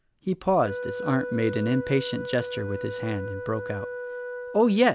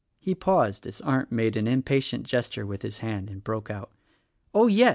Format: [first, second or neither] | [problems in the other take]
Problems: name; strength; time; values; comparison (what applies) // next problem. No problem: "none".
second | background sound (Wind instrument, woodwind instrument); 8 dB below the speech